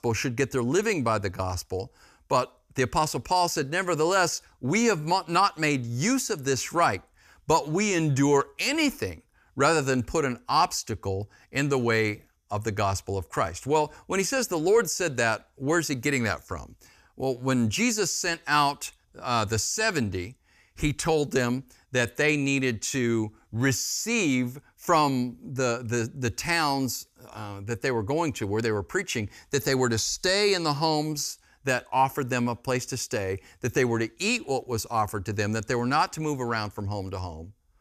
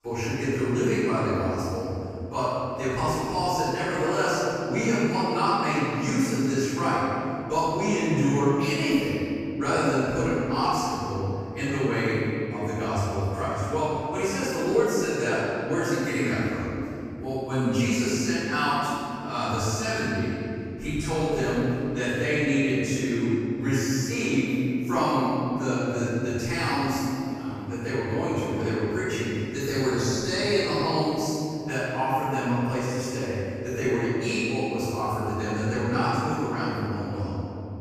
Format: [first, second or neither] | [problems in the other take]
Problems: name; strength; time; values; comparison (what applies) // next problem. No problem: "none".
first | off-mic speech; far // room echo; strong; dies away in 3 s